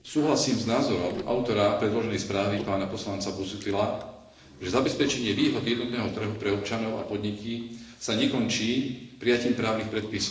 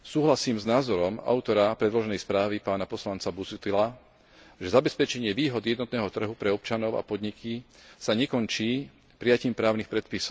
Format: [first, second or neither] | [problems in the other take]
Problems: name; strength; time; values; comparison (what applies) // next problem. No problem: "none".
second | noise reduction (neural separator model SepFormer DNS4)